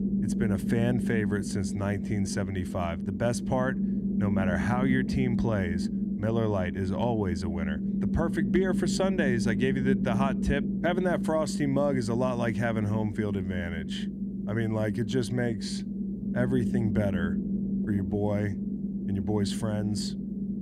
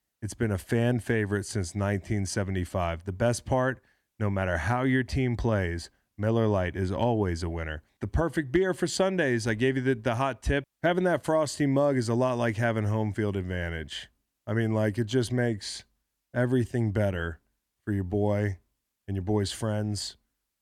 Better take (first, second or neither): second